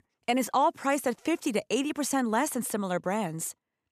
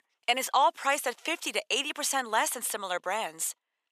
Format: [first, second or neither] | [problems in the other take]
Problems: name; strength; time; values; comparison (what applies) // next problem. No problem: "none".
first | thin; very; fading below 700 Hz